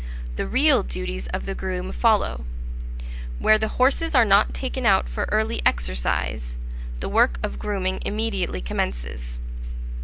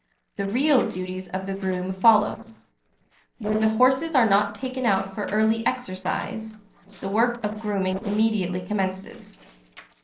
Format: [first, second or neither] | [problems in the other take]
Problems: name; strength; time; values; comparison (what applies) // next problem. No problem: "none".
first | noise reduction (neural separator model SepFormer DNS4)